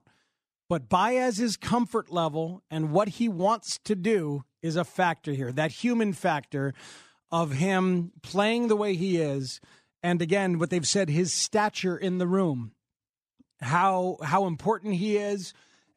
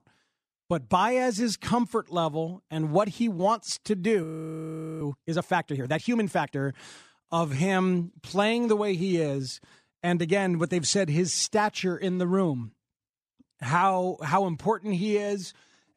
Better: first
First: none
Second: audio freezing; at 4 s for 1 s

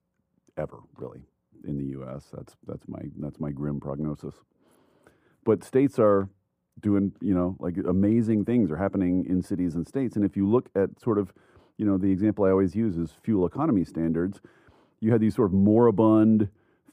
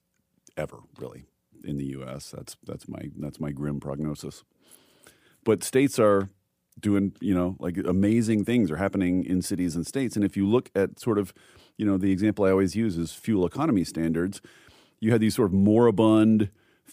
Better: second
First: muffled; very; fading above 2 kHz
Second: none

